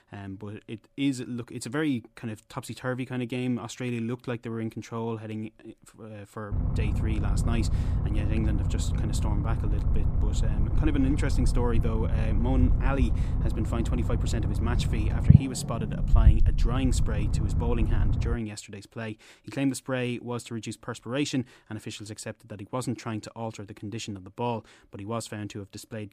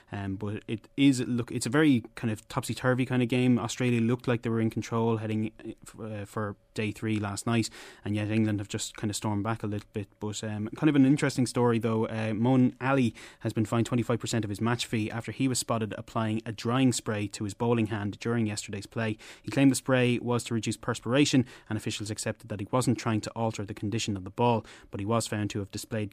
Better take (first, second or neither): second